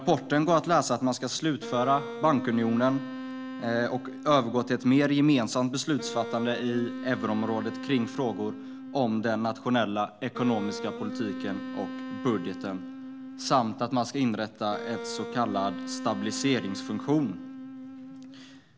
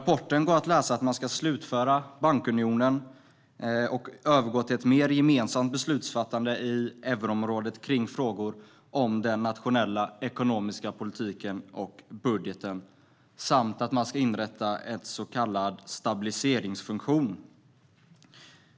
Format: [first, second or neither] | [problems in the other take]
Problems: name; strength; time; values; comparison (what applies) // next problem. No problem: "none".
second | background sound (Wind instrument, woodwind instrument); 10 dB below the speech